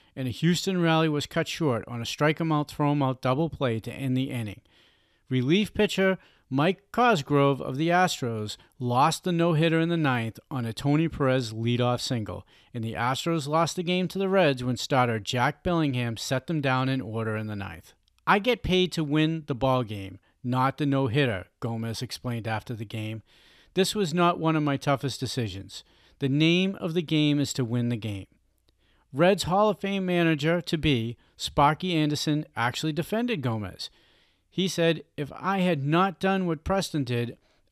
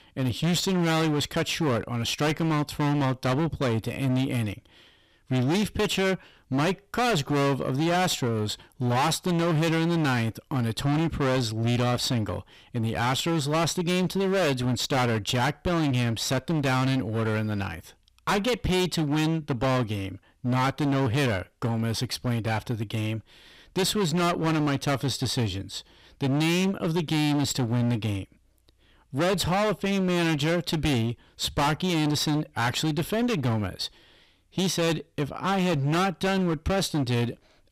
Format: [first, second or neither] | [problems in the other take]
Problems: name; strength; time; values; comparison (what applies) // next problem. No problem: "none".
first | distortion; heavy; 26% of the sound clipped